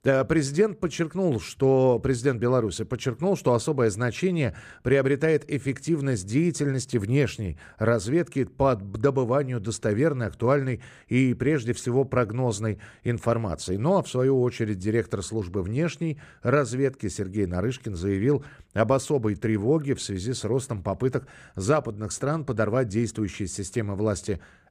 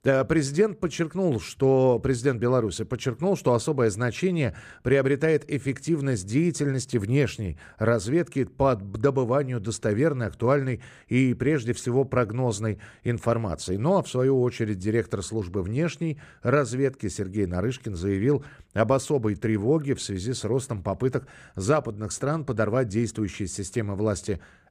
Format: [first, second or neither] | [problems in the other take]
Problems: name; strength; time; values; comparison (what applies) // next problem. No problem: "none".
neither | none